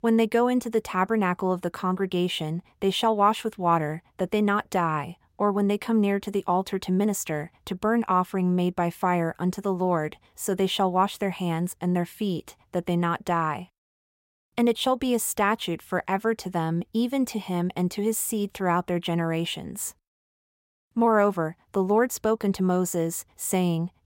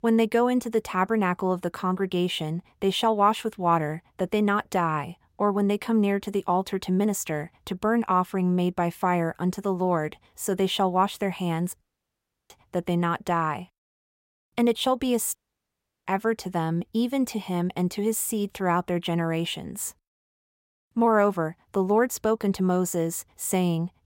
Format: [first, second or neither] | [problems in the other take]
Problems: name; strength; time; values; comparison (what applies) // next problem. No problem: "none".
first | audio cutting out; at 12 s for 0.5 s and at 15 s for 0.5 s